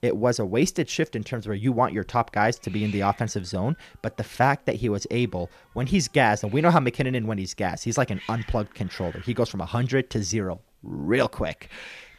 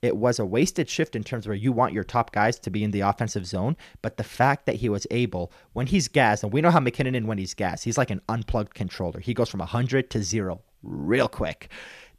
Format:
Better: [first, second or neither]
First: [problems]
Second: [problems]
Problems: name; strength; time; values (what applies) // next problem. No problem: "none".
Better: second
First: hiss; faint; throughout; 20 dB below the speech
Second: none